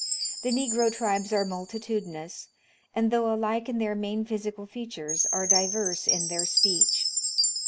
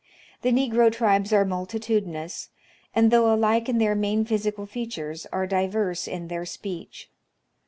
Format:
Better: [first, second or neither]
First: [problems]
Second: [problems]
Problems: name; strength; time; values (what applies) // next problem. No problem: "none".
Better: second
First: background sound (Chime); 1 dB above the speech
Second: none